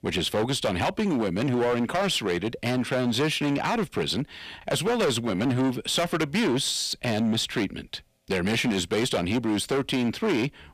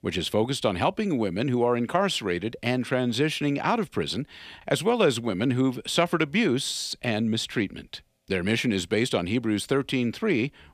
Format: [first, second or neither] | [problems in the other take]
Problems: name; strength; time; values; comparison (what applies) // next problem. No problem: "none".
second | distortion; heavy; 15% of the sound clipped